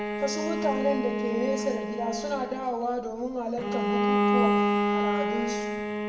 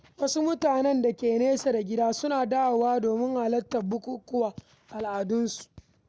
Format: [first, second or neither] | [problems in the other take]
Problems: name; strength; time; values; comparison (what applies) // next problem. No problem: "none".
second | background sound (Bowed string instrument); 3 dB above the speech // room echo; dies away in 0.7 s